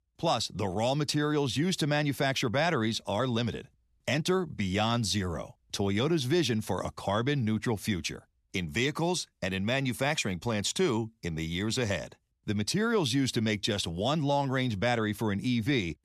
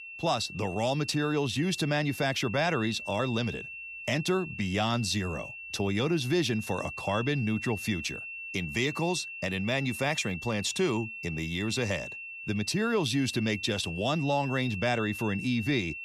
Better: first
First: none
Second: high-pitched whine; loud; throughout; 2.5 kHz, 9 dB below the speech

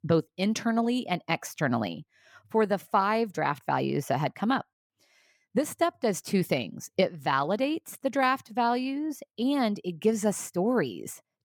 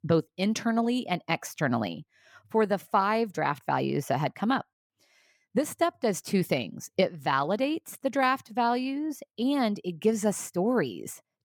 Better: neither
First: none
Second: none

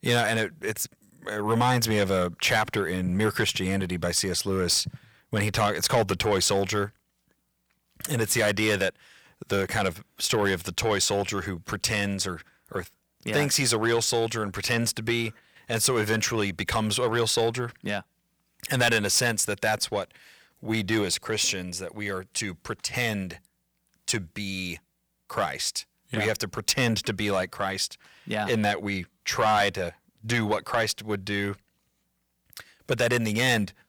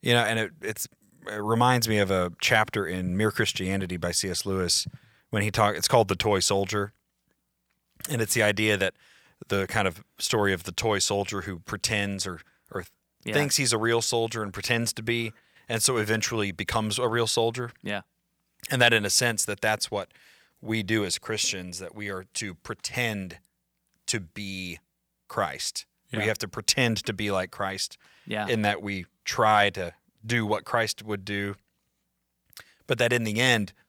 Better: second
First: distortion; slight; 10 dB below the speech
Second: none

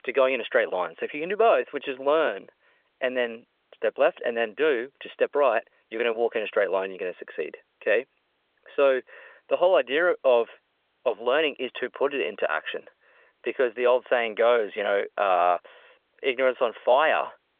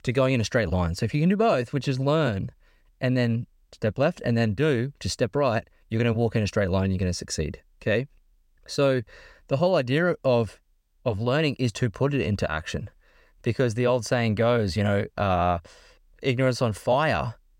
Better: second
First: phone-call audio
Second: none

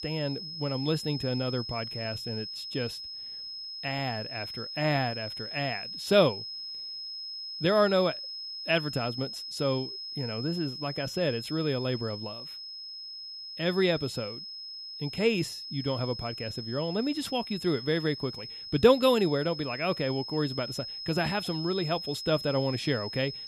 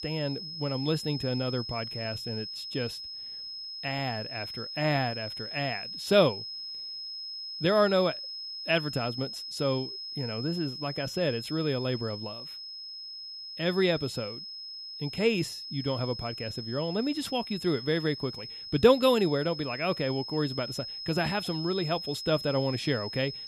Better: neither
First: high-pitched whine; loud; throughout; 5 kHz, 7 dB below the speech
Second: high-pitched whine; loud; throughout; 5 kHz, 7 dB below the speech

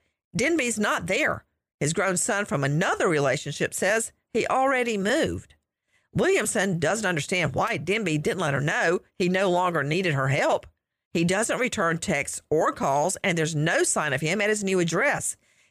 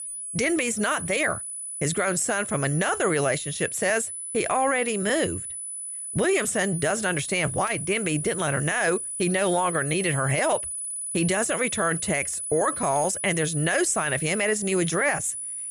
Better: first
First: none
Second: high-pitched whine; loud; throughout; 10 kHz, 5 dB below the speech

